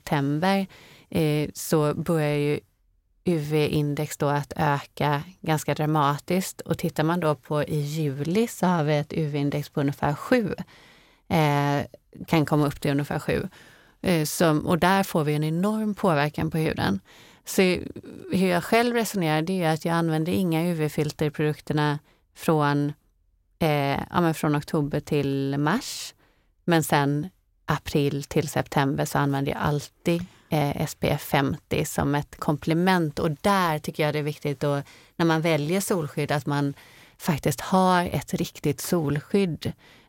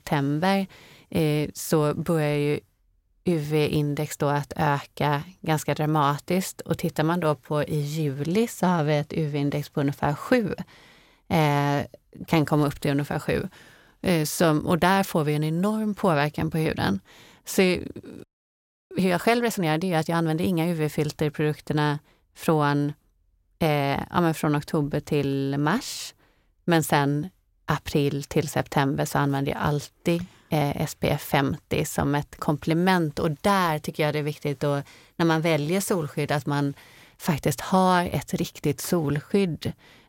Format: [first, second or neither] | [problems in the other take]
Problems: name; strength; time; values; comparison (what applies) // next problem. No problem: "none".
first | audio freezing; at 18 s for 0.5 s